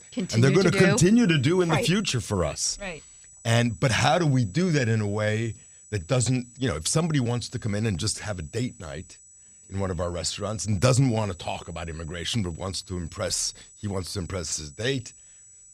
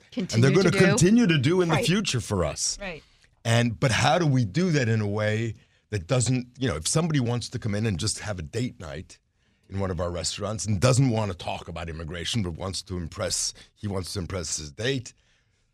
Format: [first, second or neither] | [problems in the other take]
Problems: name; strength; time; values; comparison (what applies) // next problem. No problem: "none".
second | high-pitched whine; faint; throughout; 8 kHz, 20 dB below the speech